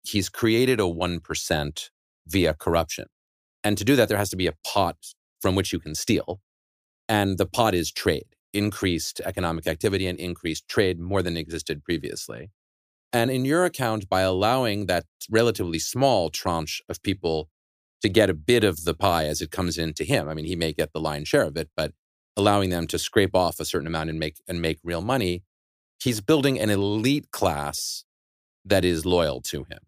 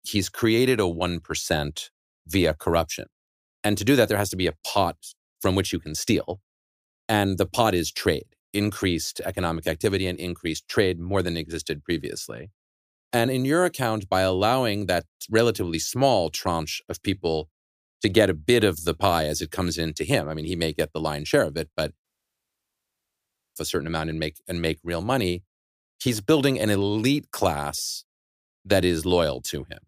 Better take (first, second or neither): first